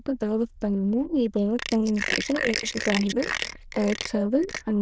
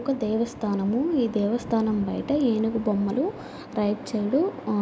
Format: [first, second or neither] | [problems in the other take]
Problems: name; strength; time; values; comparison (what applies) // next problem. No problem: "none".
second | noise reduction (neural diffusion model UNIVERSE++)